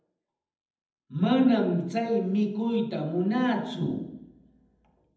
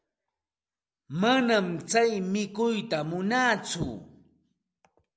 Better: second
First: room echo; dies away in 0.8 s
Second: none

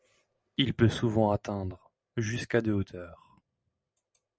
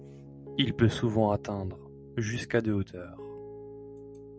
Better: first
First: none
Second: background sound (Piano); 14 dB below the speech

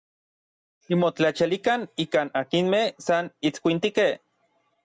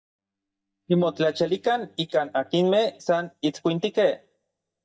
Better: first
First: none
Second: noise reduction (neural mask model DeepFilterNet 3)

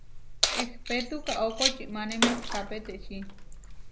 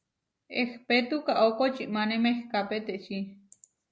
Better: second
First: background sound (Bathtub (filling or washing) / Water / Splash, splatter + Keys jangling); 2 dB above the speech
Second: none

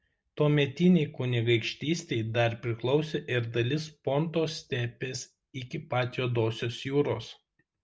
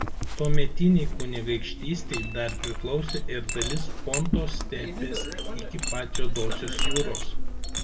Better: first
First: none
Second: background sound (Chink, clink); 5 dB above the speech // room echo; dies away in 1.1 s

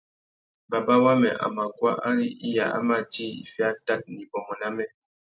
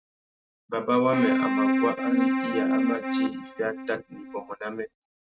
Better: first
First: none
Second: noise reduction (neural mask model RNNoise)

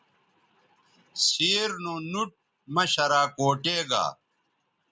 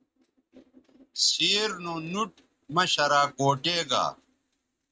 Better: first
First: none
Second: noise reduction (neural mask model RNNoise)

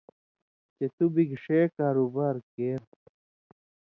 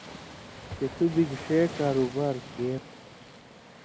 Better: first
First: none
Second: background sound (Waves, surf); 13 dB below the speech

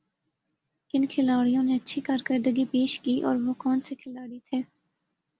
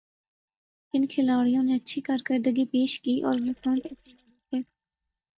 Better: first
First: none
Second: noise reduction (neural mask model DeepFilterNet 3)

